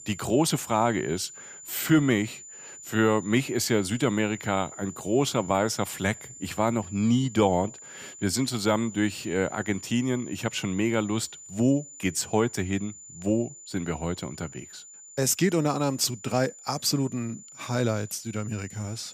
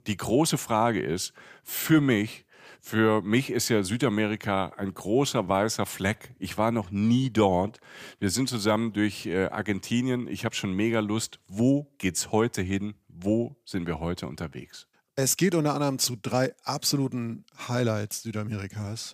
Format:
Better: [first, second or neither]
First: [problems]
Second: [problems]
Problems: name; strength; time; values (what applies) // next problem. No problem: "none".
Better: second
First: high-pitched whine; noticeable; throughout; 7 kHz, 15 dB below the speech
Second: none